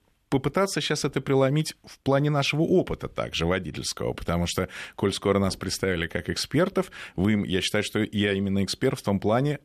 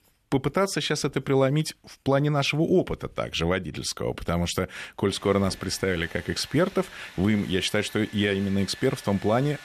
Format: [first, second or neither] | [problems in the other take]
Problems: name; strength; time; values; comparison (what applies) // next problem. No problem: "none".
first | household noises; noticeable; throughout; 20 dB below the speech